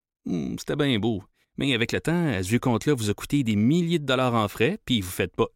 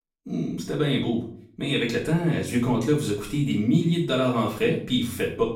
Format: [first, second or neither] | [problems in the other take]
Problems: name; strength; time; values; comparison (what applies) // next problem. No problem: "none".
first | off-mic speech; far // room echo; slight; dies away in 0.4 s